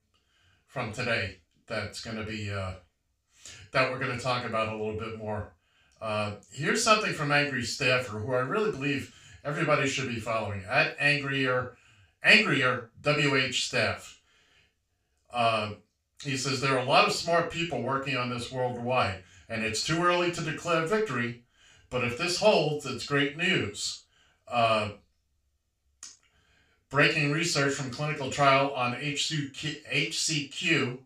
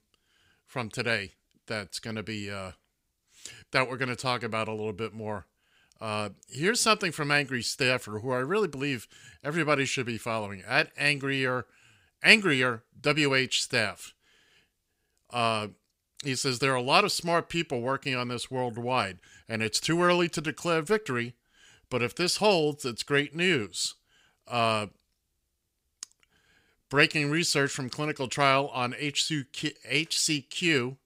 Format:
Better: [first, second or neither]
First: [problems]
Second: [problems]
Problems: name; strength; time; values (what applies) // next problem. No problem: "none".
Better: second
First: room echo; noticeable; dies away in 0.3 s // off-mic speech; far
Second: none